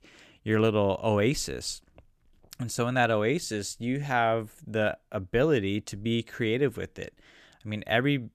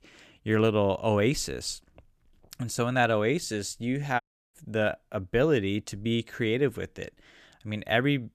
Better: first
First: none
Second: audio cutting out; at 4 s

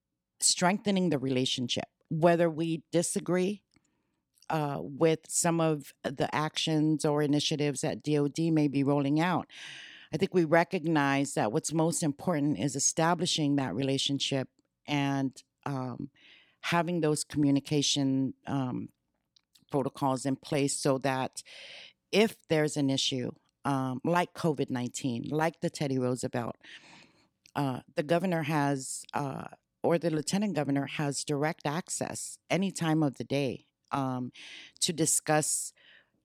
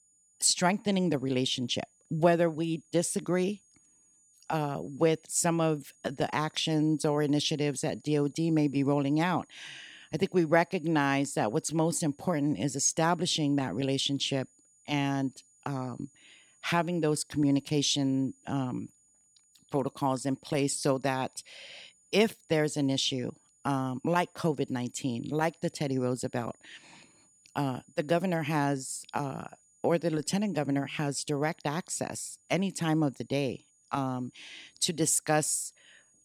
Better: first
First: none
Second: high-pitched whine; faint; throughout; 6.5 kHz, 30 dB below the speech

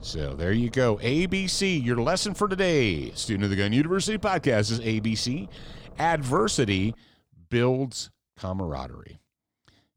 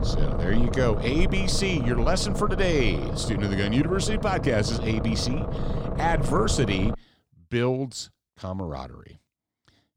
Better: first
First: low rumble; faint; until 7 s; 25 dB below the speech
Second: low rumble; loud; until 7 s; 7 dB below the speech

